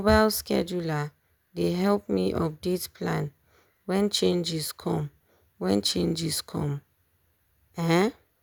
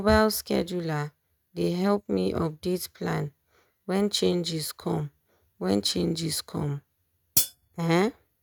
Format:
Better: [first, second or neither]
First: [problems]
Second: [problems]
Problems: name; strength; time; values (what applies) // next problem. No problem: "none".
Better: first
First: none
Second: noise reduction (neural mask model RNNoise)